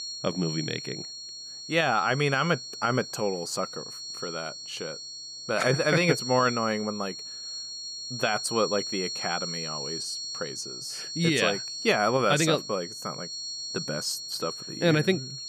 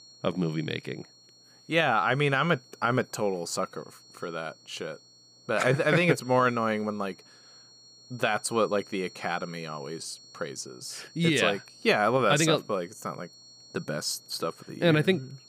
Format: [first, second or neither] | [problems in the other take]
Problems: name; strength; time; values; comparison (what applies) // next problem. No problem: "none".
second | high-pitched whine; loud; throughout; 4.5 kHz, 7 dB below the speech; faint in the second